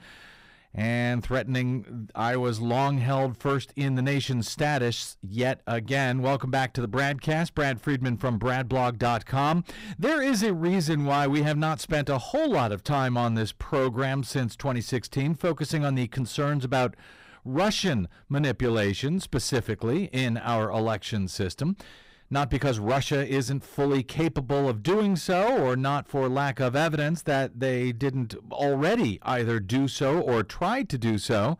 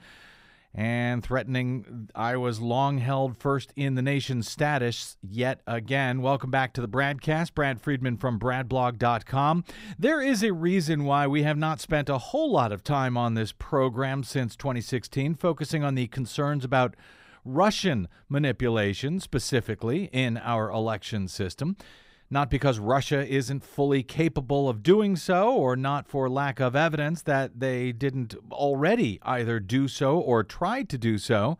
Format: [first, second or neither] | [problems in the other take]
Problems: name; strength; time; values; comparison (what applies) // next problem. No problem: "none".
second | distortion; slight; 11% of the sound clipped